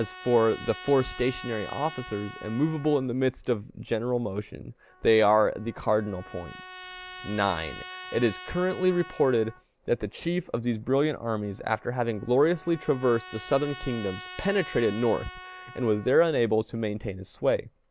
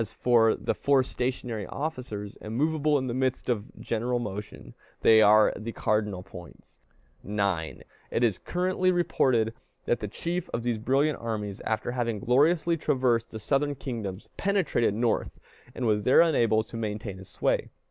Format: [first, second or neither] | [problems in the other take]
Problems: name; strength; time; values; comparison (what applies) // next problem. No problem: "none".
second | background sound (Trumpet); 17 dB below the speech